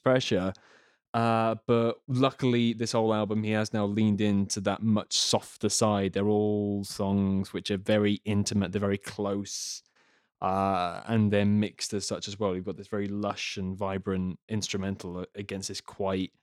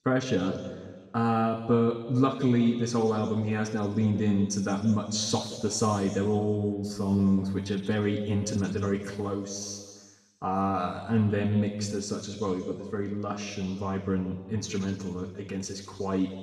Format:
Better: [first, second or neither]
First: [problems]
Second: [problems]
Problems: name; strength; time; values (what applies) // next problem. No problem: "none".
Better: first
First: none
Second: room echo; noticeable; dies away in 1.6 s // off-mic speech; somewhat distant